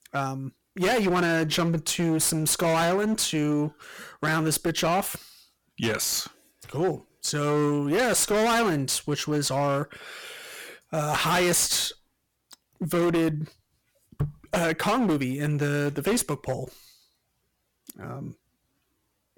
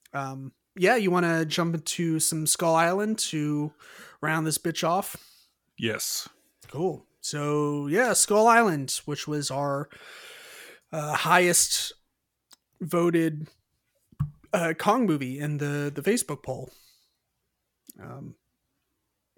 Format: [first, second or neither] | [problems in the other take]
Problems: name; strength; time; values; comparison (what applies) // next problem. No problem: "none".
second | distortion; heavy; 16% of the sound clipped